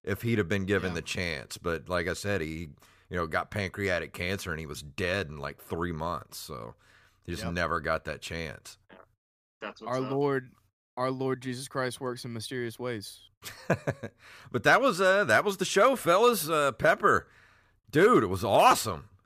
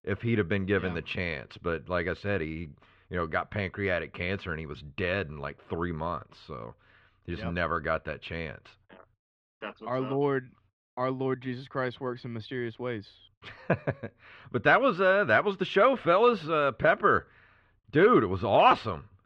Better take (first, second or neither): first